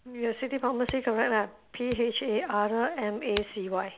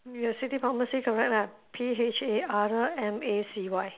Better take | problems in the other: second | background sound (Hands); 17 dB below the speech

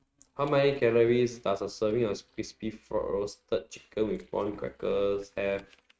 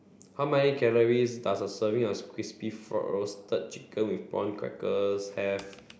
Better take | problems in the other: second | noise reduction (neural mask model RNNoise)

